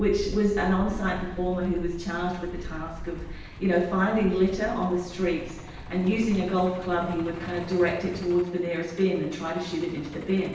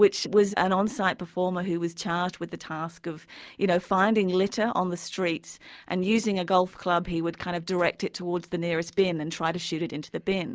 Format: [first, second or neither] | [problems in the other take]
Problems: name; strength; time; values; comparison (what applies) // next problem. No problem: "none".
second | background sound (Truck); 12 dB below the speech // room echo; dies away in 0.9 s